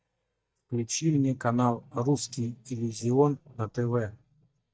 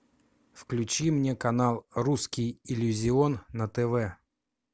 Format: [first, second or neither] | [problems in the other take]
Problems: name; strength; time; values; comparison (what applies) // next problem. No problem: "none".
second | noise reduction (neural mask model DeepFilterNet 3)